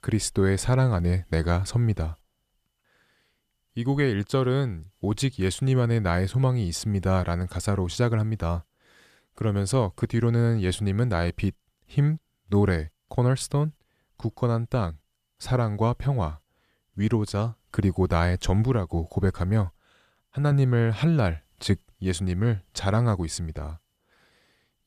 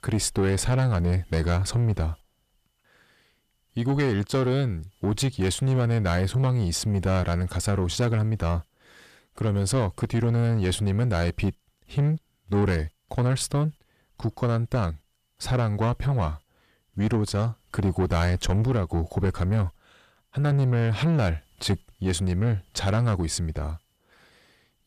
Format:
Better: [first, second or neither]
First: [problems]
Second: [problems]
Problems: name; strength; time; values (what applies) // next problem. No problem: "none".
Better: first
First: none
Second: distortion; slight; 10 dB below the speech